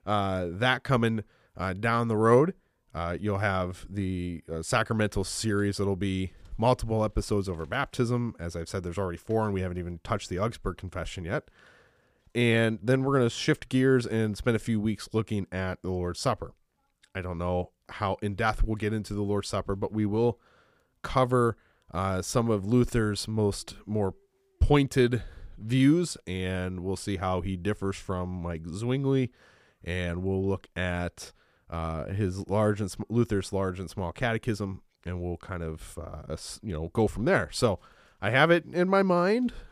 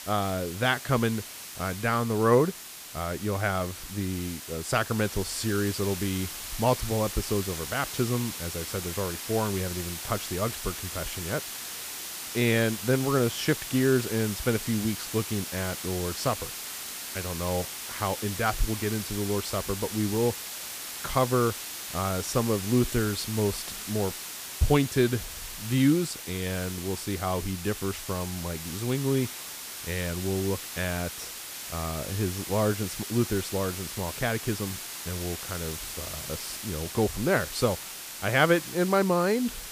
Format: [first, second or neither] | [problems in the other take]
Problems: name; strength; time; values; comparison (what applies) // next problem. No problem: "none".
first | hiss; loud; throughout; 7 dB below the speech